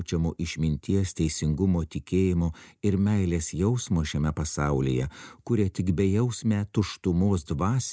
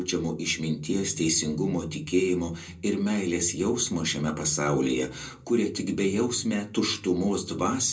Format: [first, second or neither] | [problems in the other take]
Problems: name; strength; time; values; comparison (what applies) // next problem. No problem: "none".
first | room echo; dies away in 0.2 s